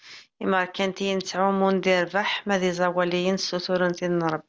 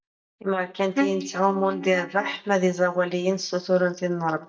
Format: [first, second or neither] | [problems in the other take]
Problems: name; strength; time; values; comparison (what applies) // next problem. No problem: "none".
first | noise reduction (neural mask model DeepFilterNet 3)